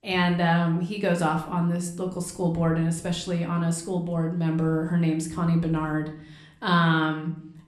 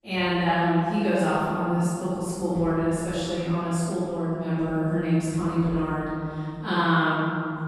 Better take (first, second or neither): first